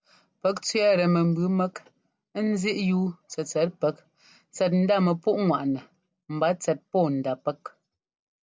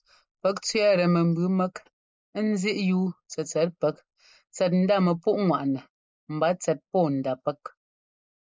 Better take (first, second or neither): first